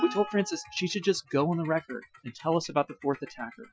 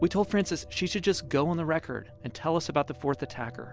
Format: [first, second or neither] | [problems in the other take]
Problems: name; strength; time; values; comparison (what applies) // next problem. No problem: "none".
second | noise reduction (classical method Wiener filter)